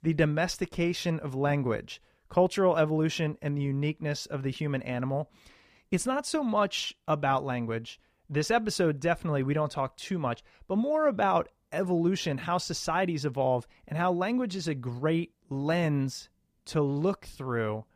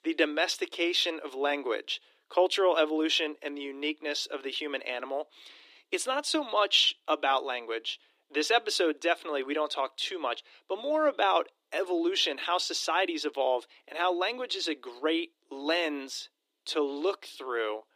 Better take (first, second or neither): first